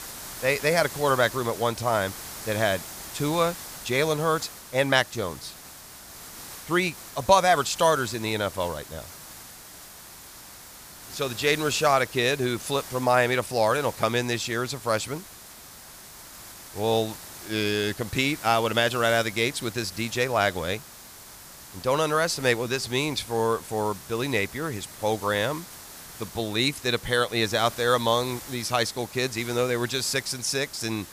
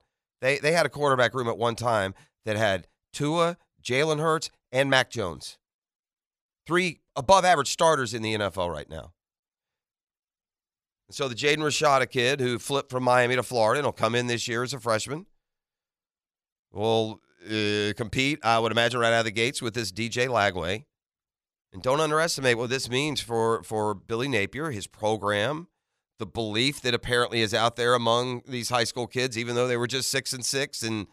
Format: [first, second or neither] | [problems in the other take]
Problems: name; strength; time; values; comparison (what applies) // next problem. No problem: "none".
second | hiss; noticeable; throughout; 15 dB below the speech